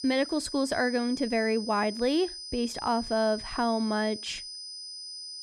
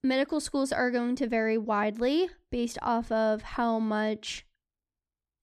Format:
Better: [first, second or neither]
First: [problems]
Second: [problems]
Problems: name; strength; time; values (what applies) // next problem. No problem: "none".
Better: second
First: high-pitched whine; loud; throughout; 5 kHz, 9 dB below the speech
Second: none